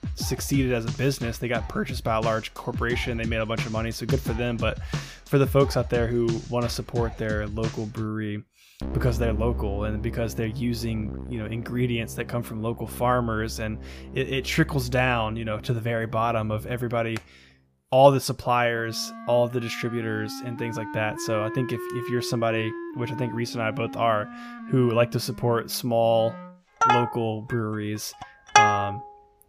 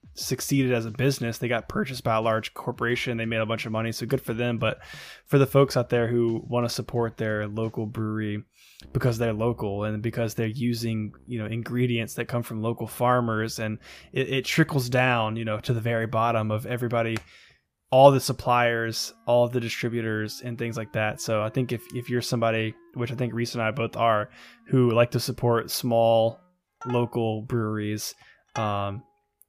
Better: second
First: background music; loud; throughout; 6 dB below the speech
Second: background music; faint; throughout; 25 dB below the speech

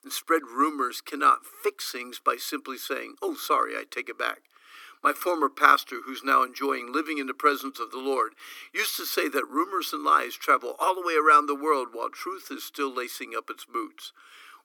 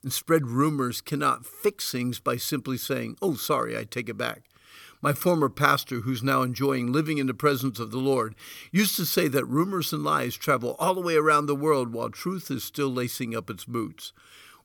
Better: second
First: thin; somewhat; fading below 300 Hz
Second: none

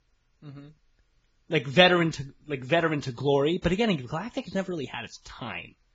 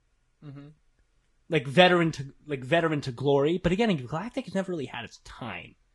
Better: second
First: garbled, watery; badly; nothing above 7.5 kHz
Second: garbled, watery; slightly; nothing above 10.5 kHz

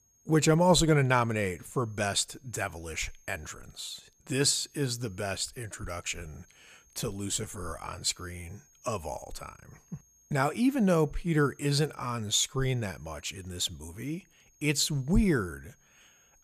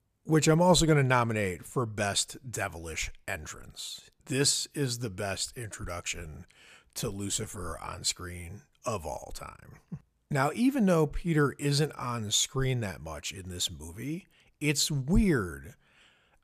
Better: second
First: high-pitched whine; faint; throughout; 6.5 kHz, 30 dB below the speech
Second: none

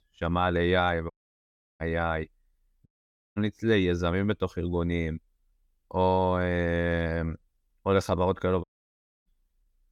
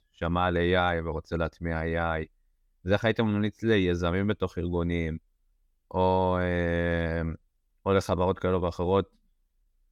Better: second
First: audio cutting out; at 1 s for 0.5 s, at 3 s for 0.5 s and at 8.5 s for 0.5 s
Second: none

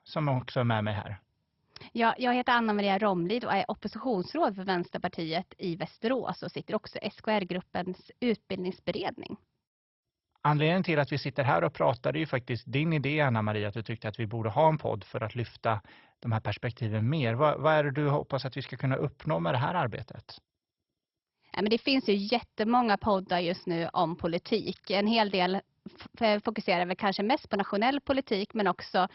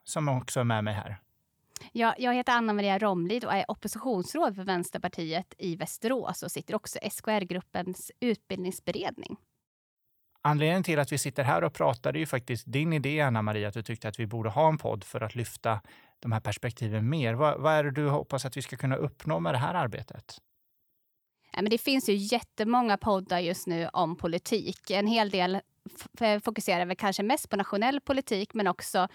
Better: second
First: garbled, watery; badly; nothing above 5.5 kHz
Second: none

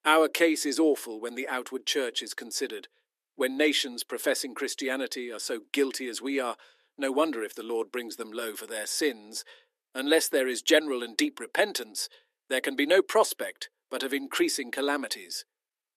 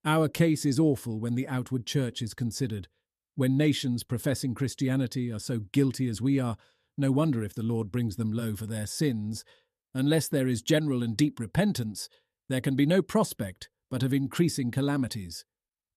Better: second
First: thin; very; fading below 350 Hz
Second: none

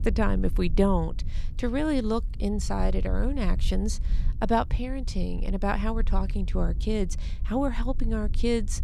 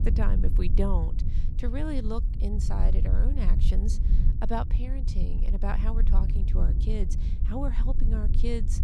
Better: first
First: wind noise on the microphone; occasional gusts; 20 dB below the speech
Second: wind noise on the microphone; heavy; 8 dB below the speech

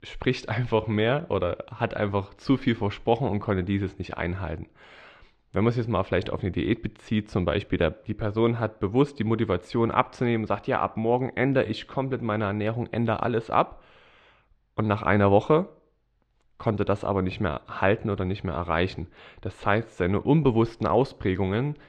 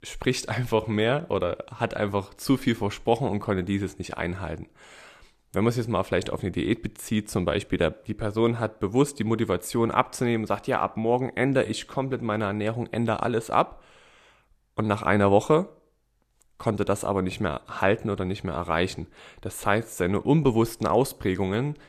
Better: second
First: muffled; slightly; fading above 4 kHz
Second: none

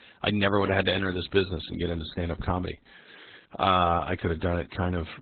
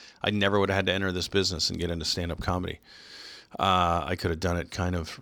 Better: second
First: garbled, watery; badly; nothing above 4 kHz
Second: none

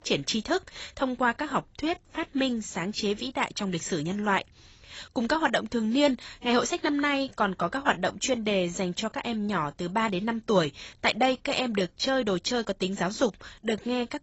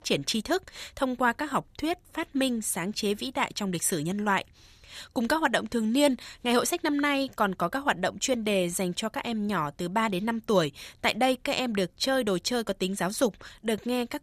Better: second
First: garbled, watery; badly; nothing above 7.5 kHz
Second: none

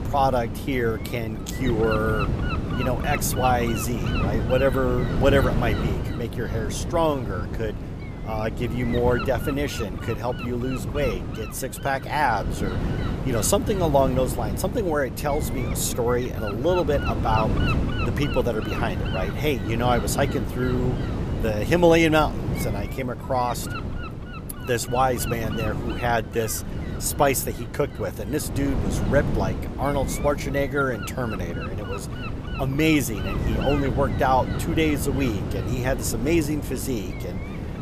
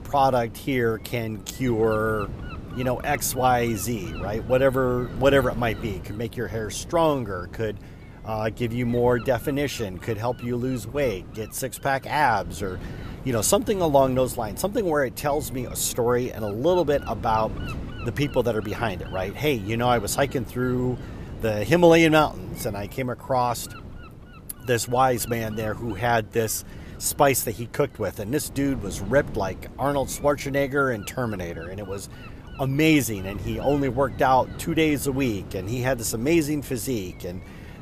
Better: second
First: wind noise on the microphone; heavy; 9 dB below the speech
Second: wind noise on the microphone; occasional gusts; 20 dB below the speech

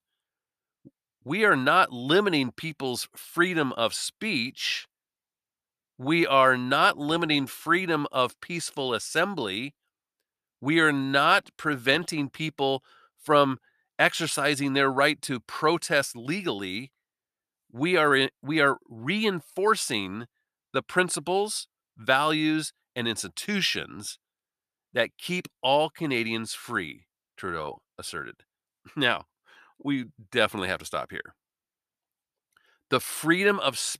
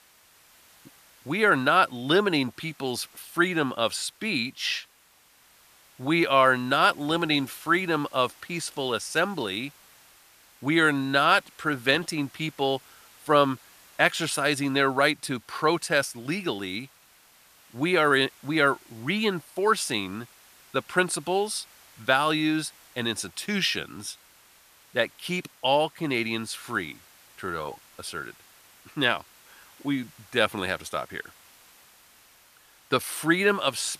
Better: first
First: none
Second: hiss; faint; throughout; 25 dB below the speech

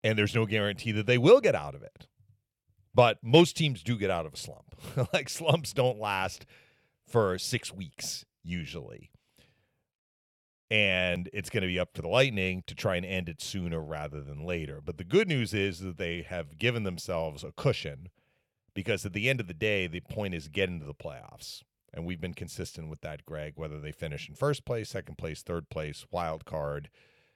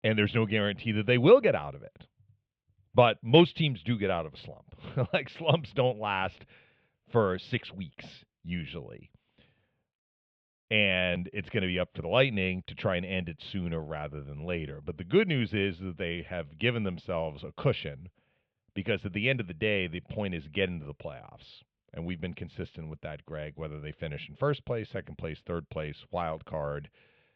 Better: first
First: none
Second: muffled; very; fading above 3.5 kHz

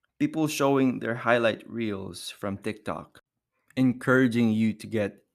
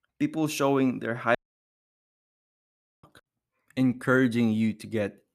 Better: first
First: none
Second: audio cutting out; at 1.5 s for 1.5 s

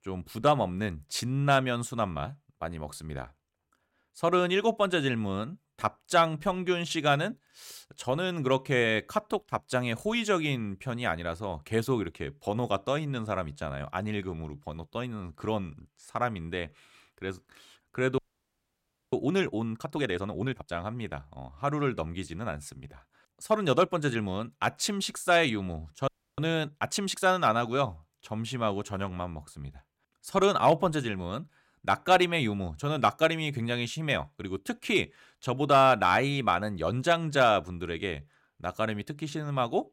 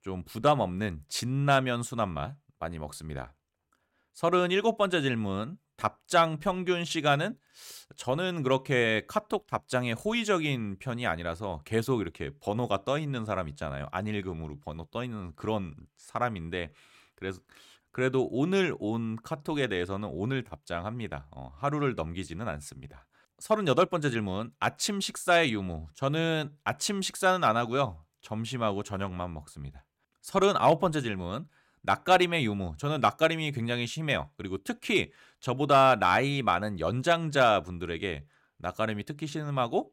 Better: second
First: audio freezing; at 18 s for 1 s and at 26 s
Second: none

